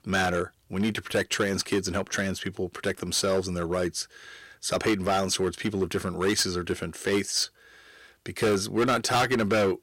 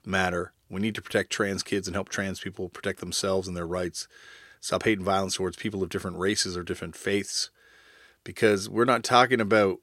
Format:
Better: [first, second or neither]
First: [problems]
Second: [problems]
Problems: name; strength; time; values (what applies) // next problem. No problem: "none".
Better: second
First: distortion; heavy; 7% of the sound clipped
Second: none